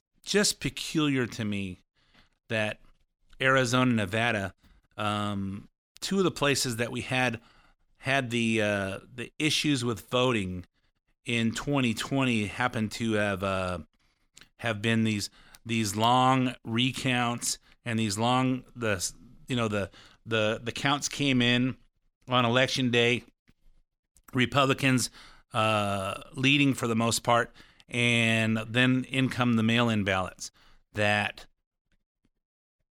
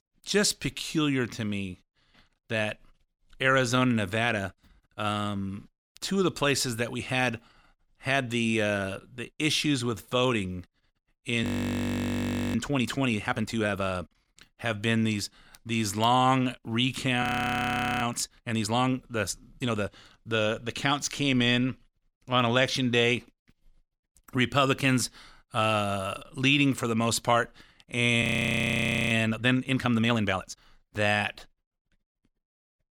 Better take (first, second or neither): first